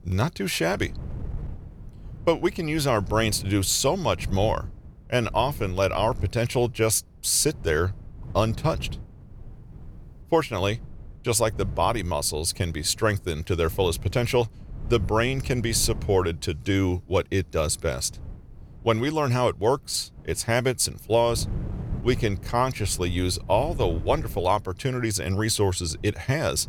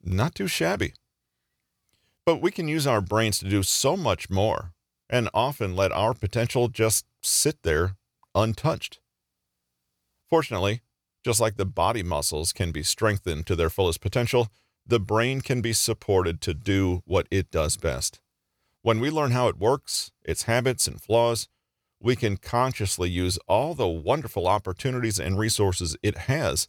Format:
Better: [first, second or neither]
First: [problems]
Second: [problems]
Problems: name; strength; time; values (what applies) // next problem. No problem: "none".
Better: second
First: wind noise on the microphone; occasional gusts; 25 dB below the speech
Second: none